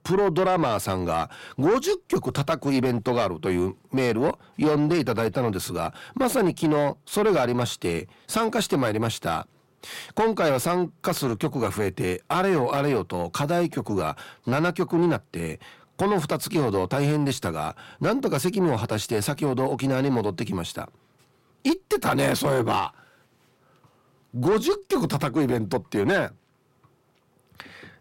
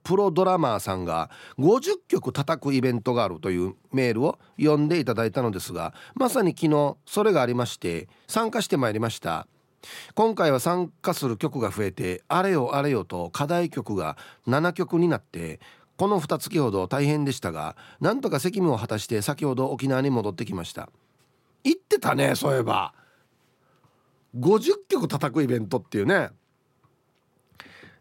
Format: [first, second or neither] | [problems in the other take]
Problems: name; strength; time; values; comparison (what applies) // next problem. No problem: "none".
second | distortion; slight; 10 dB below the speech